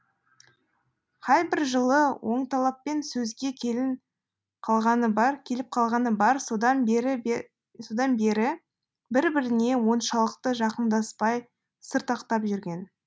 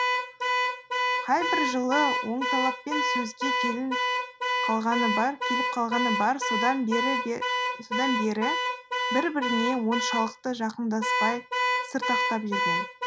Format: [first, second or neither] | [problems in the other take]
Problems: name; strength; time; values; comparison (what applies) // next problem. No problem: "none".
first | background sound (Alarm / Car); 1 dB above the speech